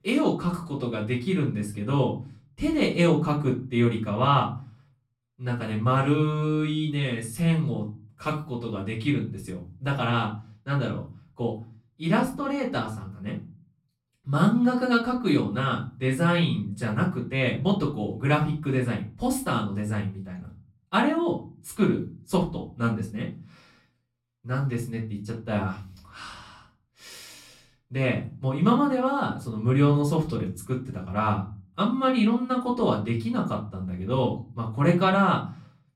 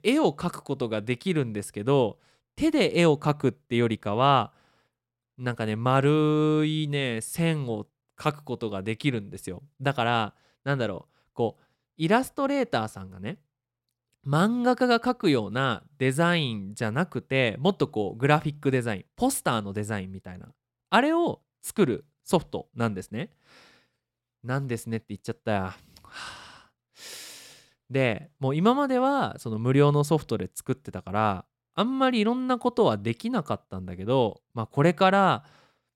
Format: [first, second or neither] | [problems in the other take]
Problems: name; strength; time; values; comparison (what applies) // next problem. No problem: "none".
second | off-mic speech; far // room echo; slight; dies away in 0.4 s